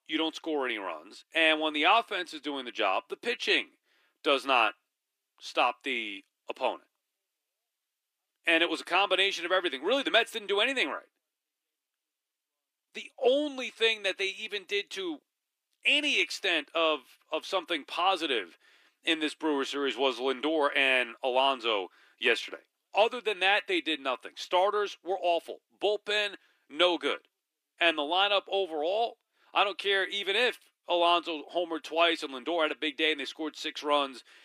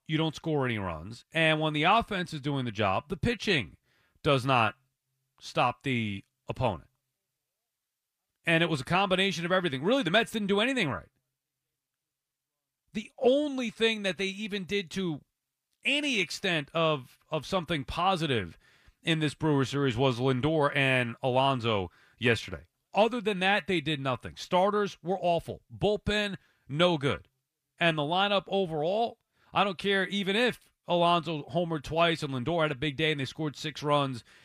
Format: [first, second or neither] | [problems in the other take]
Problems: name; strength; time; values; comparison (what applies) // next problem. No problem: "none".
second | thin; somewhat; fading below 300 Hz